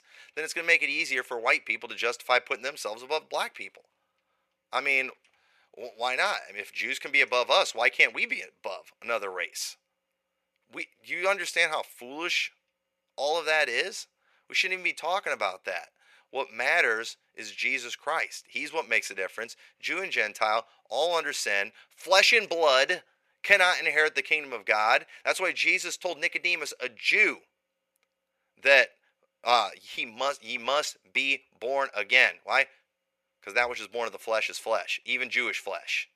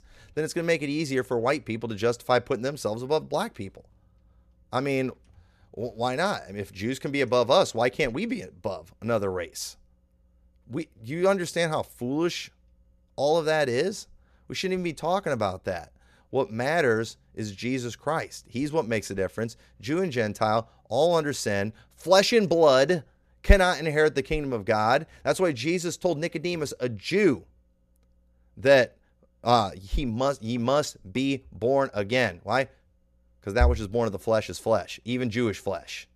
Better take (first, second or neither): second